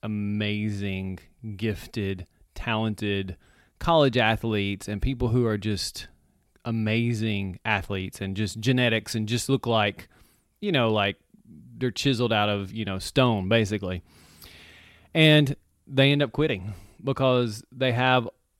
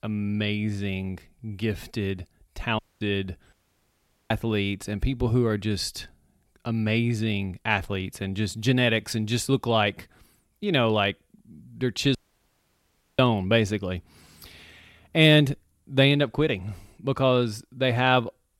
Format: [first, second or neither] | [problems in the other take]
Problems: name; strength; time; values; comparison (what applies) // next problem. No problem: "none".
first | audio cutting out; at 3 s, at 3.5 s for 1 s and at 12 s for 1 s